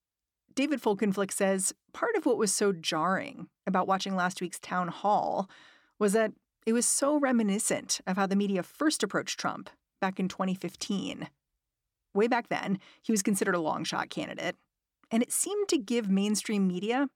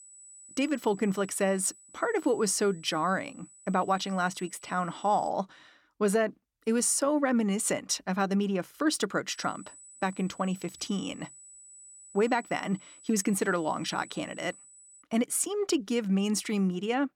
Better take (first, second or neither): first